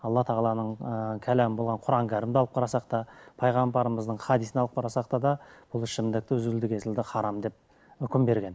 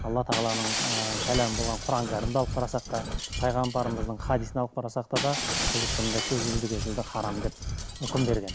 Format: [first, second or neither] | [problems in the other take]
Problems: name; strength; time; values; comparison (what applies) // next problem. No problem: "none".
first | background sound (Breathing + Shatter); 2 dB below the speech